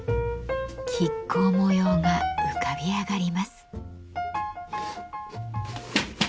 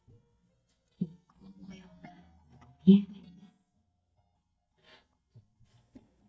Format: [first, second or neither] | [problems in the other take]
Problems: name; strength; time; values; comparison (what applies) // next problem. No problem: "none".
first | noise reduction (neural mask model DeepFilterNet 3)